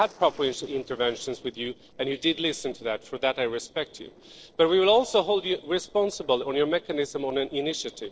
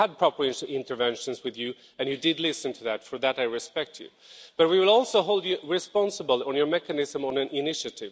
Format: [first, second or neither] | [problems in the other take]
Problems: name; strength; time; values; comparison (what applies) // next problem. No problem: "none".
second | noise reduction (neural separator model SepFormer DNS4)